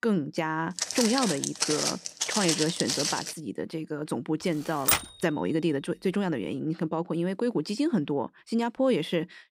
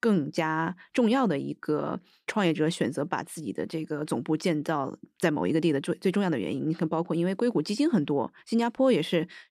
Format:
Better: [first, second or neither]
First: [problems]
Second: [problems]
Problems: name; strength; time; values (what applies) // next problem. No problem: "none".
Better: second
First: footsteps; loud; from 1 to 3.5 s; peak 3 dB above the speech // keyboard typing; loud; at 5 s; peak 5 dB above the speech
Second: none